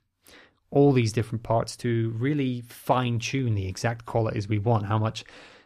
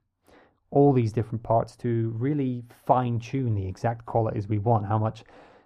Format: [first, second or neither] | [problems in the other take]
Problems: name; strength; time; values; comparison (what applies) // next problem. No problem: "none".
first | muffled; very; fading above 1.5 kHz